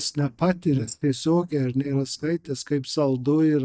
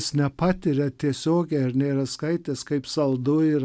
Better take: second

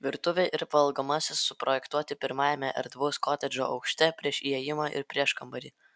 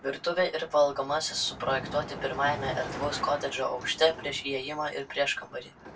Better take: first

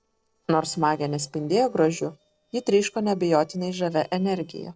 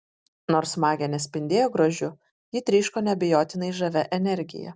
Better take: second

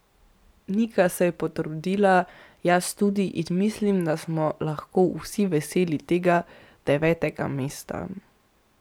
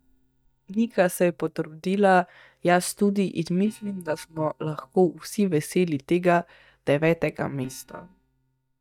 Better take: first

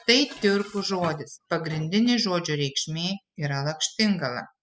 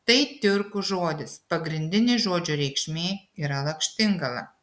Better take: second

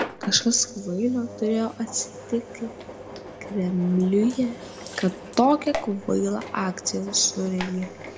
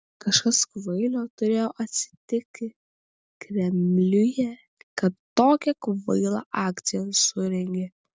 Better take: second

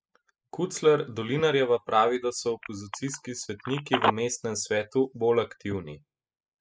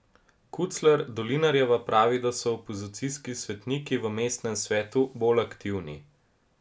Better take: second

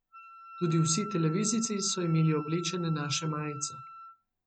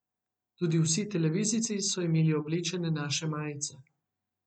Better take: second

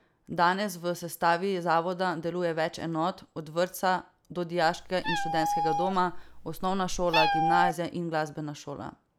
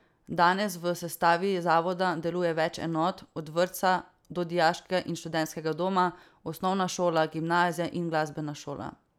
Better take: second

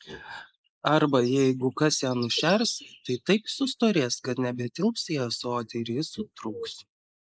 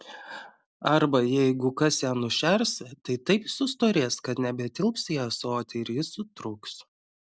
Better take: second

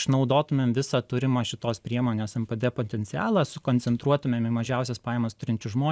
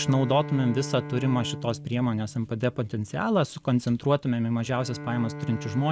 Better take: first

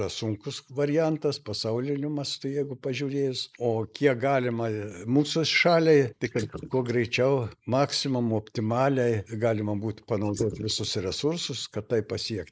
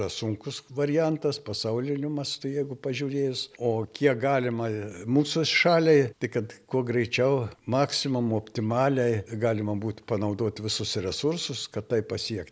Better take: second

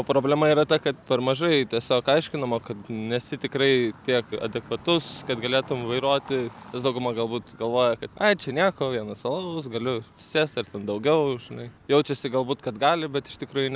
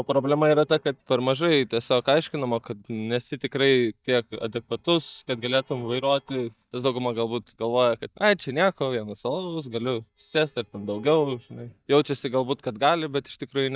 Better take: first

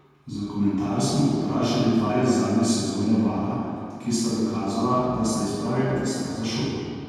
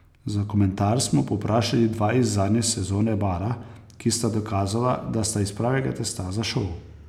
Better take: second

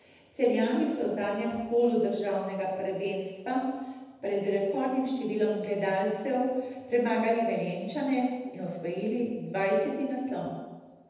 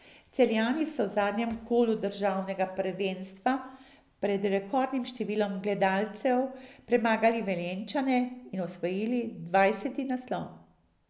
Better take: second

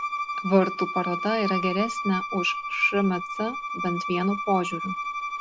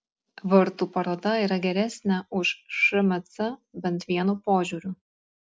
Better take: second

